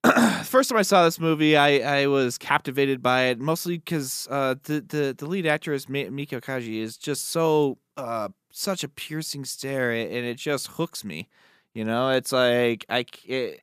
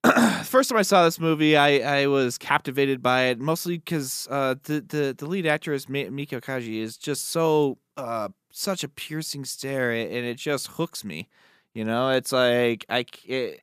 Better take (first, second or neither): neither